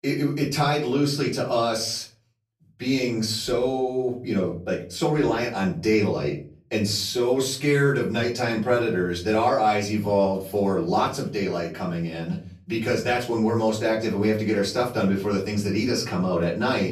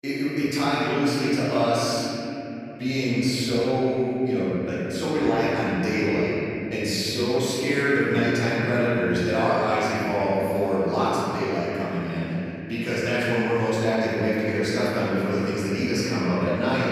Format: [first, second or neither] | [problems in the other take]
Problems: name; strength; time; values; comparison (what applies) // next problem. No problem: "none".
first | room echo; strong; dies away in 3 s; slight in the first // off-mic speech; far; far in the first